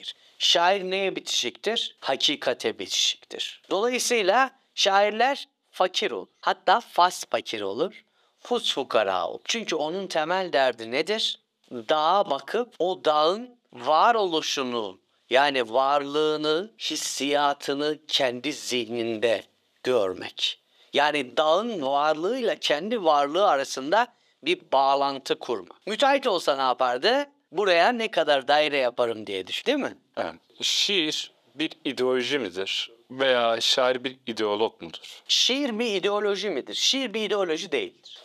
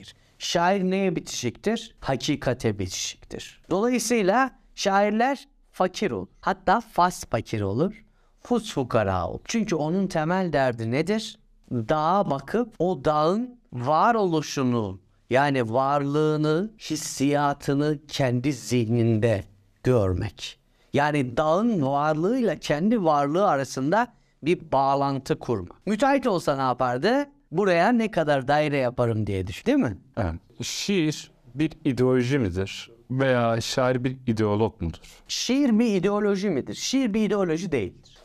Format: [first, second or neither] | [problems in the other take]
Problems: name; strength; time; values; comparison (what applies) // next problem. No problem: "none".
second | thin; somewhat; fading below 450 Hz